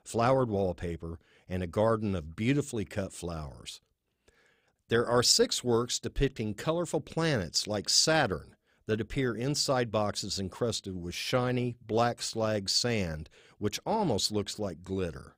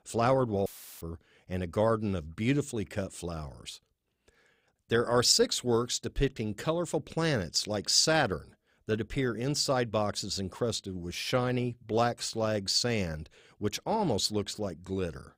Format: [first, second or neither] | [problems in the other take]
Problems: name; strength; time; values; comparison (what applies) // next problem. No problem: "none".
first | audio cutting out; filled with static; at 0.5 s